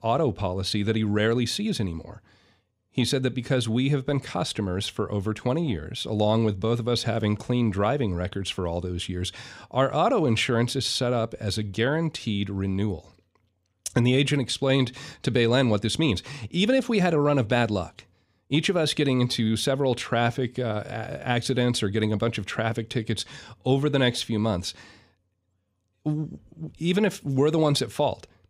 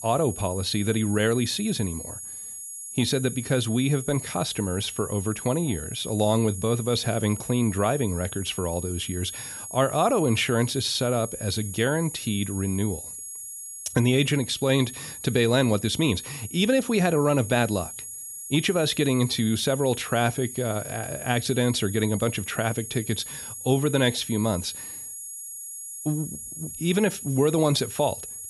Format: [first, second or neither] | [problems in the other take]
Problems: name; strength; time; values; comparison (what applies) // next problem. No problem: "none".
first | high-pitched whine; loud; throughout; 11 kHz, 10 dB below the speech